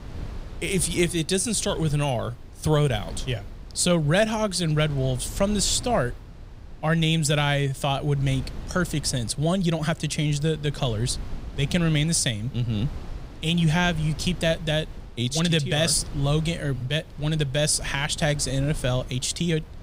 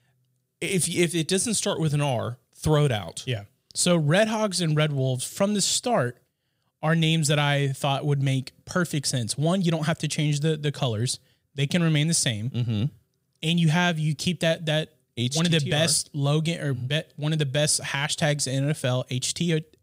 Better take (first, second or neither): second